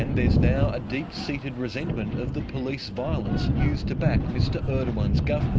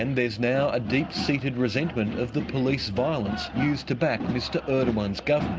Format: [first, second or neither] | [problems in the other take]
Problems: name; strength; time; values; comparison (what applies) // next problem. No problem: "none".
second | background sound (Thunder / Wind); 5 dB above the speech